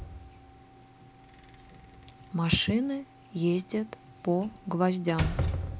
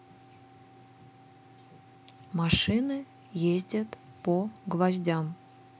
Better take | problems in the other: second | background sound (Slam); 7 dB below the speech

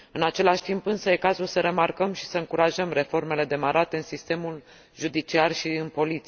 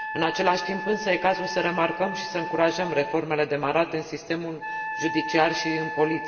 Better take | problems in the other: first | background sound (Wind instrument, woodwind instrument); 8 dB below the speech // room echo; dies away in 1.6 s

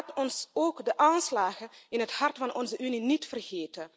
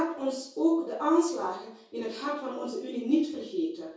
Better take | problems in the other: first | room echo; dies away in 0.6 s

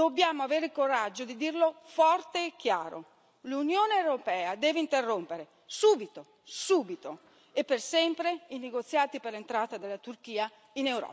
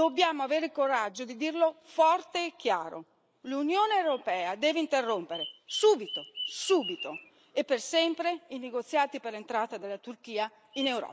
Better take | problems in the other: first | noise reduction (neural mask model Resemble Enhance denoiser)

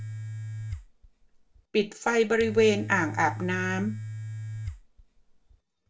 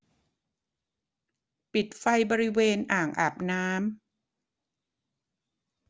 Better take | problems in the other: second | background sound (Domestic sounds, home sounds); 9 dB below the speech // room echo; dies away in 0.2 s

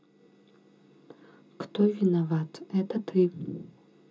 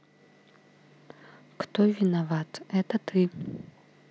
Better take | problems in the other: second | room echo; dies away in 0.2 s

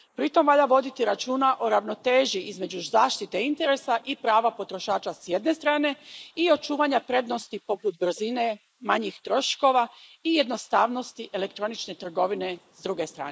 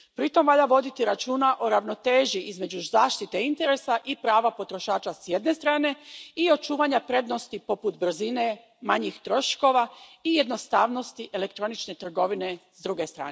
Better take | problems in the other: second | noise reduction (neural mask model Resemble Enhance denoiser)

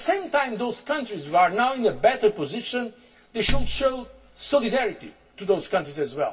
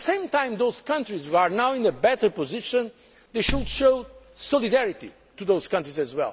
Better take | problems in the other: second | room echo; dies away in 0.2 s

